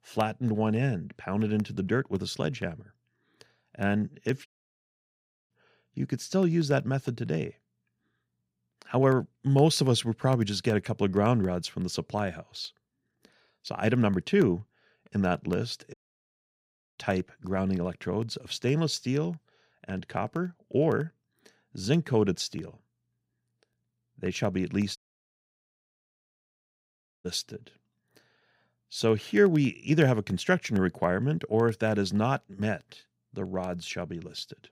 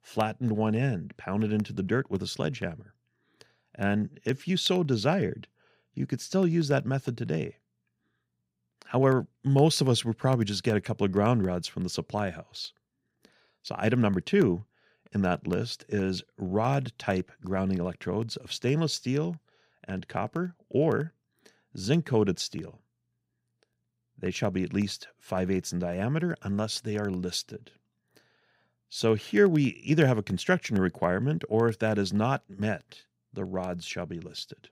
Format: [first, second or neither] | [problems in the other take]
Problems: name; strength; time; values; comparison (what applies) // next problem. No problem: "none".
second | audio cutting out; at 4.5 s for 1 s, at 16 s for 1 s and at 25 s for 2.5 s